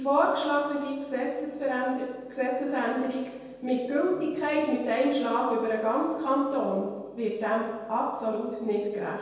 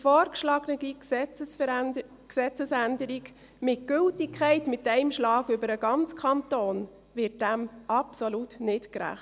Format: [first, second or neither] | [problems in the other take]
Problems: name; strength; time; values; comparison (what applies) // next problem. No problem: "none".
second | room echo; dies away in 1.1 s